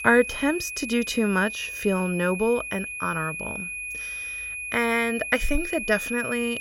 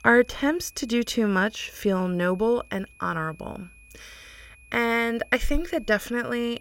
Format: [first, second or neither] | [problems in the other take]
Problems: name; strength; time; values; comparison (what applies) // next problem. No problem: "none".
second | high-pitched whine; loud; throughout; 2.5 kHz, 6 dB below the speech; faint in the second